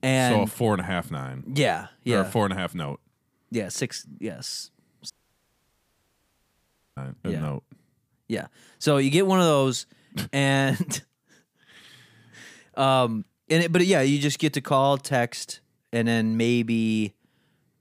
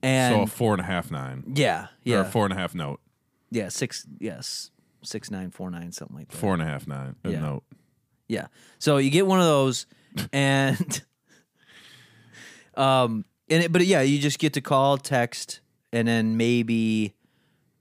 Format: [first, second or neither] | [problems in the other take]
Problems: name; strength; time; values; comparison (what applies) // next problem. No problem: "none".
second | audio cutting out; at 5 s for 2 s